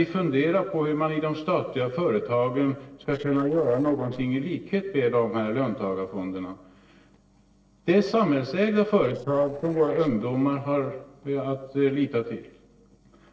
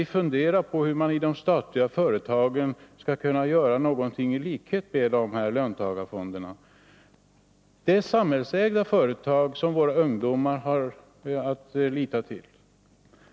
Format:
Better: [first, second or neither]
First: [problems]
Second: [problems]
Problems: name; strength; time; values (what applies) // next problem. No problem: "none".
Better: second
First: noise reduction (neural separator model SepFormer DNS4)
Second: none